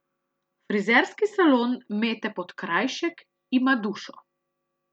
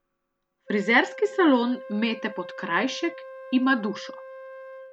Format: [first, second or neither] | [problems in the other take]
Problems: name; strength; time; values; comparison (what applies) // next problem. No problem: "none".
first | background sound (Wind instrument, woodwind instrument); 15 dB below the speech